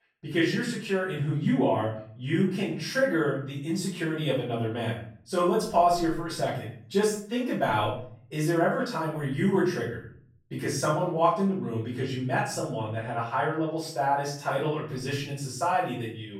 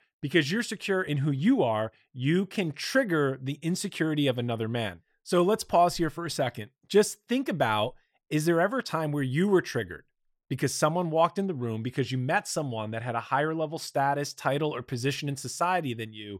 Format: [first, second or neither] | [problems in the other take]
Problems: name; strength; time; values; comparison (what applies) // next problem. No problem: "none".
second | off-mic speech; far // room echo; noticeable; dies away in 0.5 s